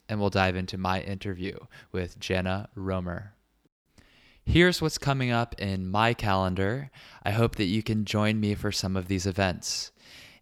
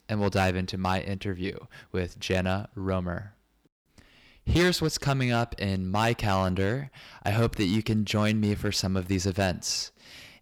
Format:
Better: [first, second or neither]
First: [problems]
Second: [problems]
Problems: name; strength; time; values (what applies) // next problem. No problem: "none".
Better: first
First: none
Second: distortion; slight; 3% of the sound clipped